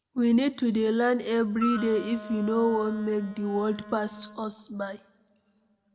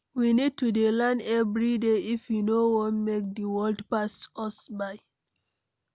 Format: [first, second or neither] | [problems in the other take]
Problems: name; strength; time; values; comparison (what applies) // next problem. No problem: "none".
second | background sound (Wind instrument, woodwind instrument); 12 dB below the speech // room echo; dies away in 1 s